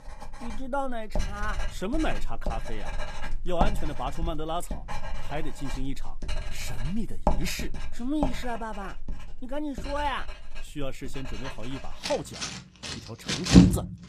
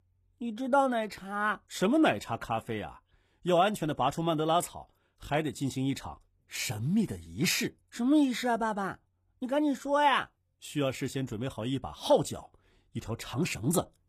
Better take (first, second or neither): second